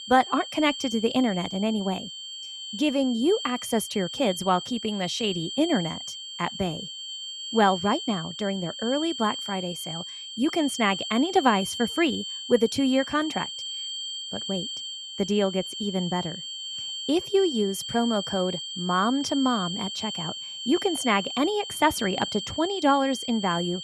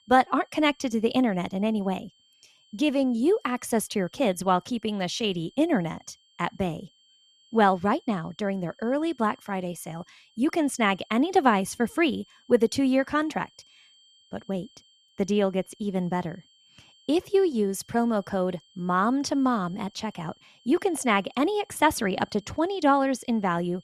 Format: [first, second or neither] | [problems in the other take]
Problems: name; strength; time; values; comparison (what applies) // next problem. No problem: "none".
second | high-pitched whine; loud; throughout; 3 kHz, 7 dB below the speech; faint in the second